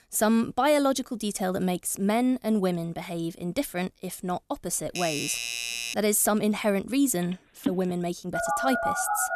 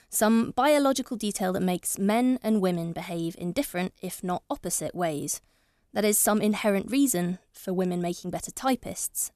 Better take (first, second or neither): second